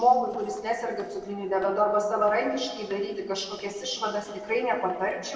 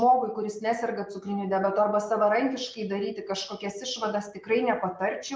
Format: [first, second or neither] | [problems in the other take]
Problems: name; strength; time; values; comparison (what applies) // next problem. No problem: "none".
second | noise reduction (neural separator model SepFormer DNS4)